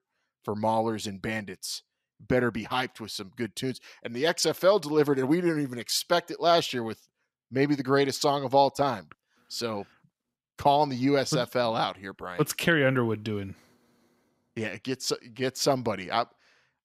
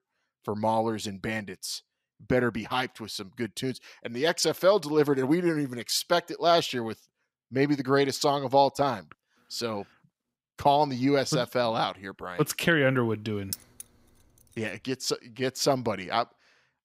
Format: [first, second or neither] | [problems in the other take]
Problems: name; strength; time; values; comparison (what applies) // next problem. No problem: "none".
first | jangling keys; very faint; at 14 s; peak 10 dB below the speech